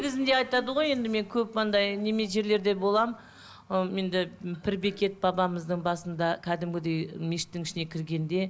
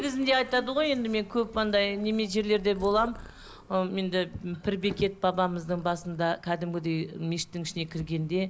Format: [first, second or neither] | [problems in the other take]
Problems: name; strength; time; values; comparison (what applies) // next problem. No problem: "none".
first | background sound (Drawer open or close + Purr); 19 dB below the speech